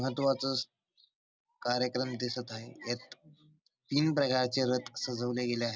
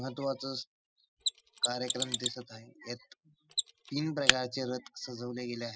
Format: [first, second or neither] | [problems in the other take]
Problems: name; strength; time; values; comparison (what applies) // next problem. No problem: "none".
first | noise reduction (classical method spectral subtraction)